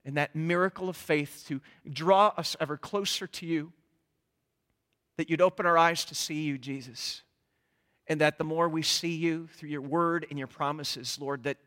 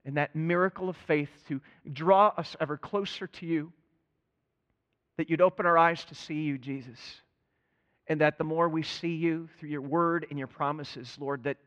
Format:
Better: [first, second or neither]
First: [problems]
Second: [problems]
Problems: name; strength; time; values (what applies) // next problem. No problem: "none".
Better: first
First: none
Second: muffled; slightly; fading above 2.5 kHz